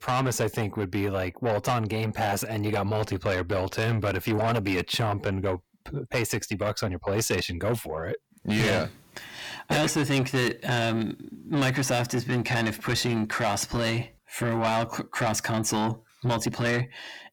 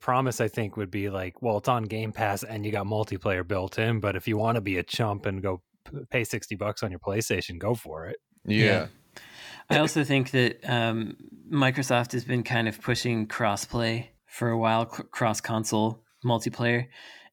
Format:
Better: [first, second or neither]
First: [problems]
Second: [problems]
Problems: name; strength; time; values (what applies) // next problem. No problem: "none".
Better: second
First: distortion; heavy; 6 dB below the speech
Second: none